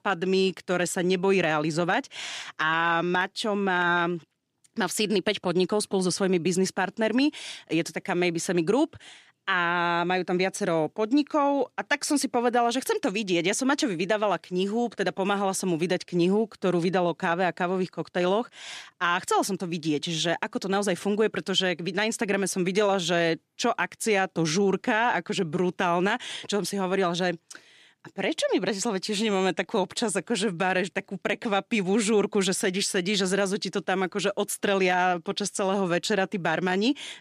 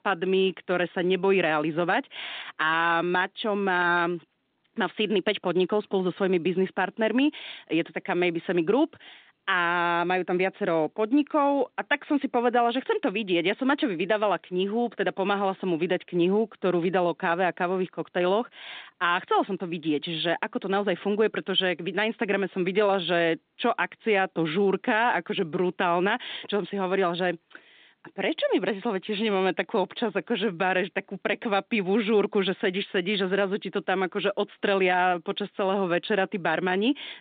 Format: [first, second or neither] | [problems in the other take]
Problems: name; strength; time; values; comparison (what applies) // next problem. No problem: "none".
first | phone-call audio; nothing above 3.5 kHz